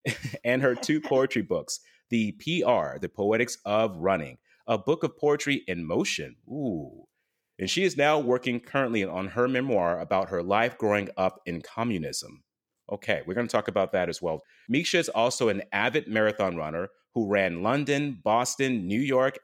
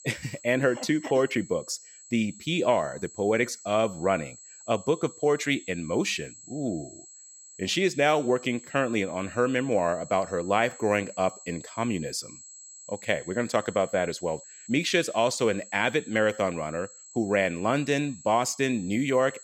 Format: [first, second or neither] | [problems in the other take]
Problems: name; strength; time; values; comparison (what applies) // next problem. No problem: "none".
first | high-pitched whine; noticeable; throughout; 7.5 kHz, 20 dB below the speech